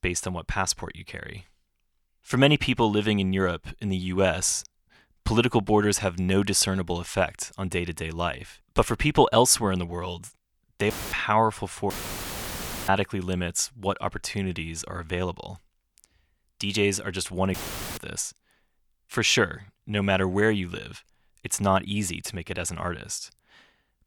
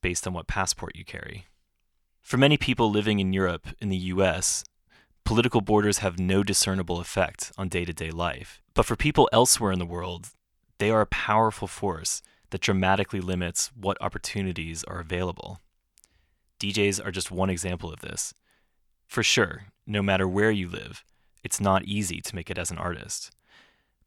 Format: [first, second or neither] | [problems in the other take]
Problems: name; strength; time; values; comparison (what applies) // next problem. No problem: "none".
second | audio cutting out; filled with static; at 11 s, at 12 s for 1 s and at 18 s